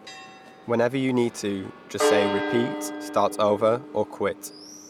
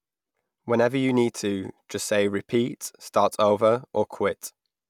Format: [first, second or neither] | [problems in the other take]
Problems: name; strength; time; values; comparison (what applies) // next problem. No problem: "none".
second | background sound (Church bell); 5 dB below the speech